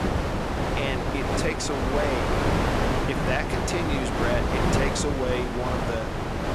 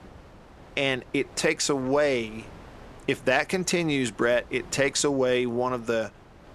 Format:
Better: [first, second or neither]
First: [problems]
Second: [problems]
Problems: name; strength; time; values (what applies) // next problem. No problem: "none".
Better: second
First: wind noise on the microphone; heavy; 3 dB above the speech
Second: wind noise on the microphone; occasional gusts; 25 dB below the speech